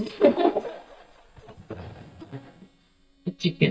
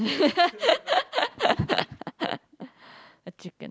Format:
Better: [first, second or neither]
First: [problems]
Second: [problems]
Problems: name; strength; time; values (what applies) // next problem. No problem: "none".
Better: second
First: noise reduction (neural mask model DeepFilterNet 3)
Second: none